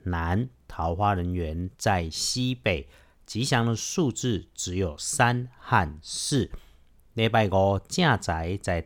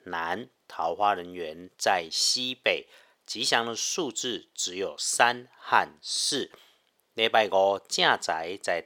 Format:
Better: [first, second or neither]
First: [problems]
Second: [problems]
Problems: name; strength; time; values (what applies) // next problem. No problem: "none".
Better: first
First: none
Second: thin; very; fading below 500 Hz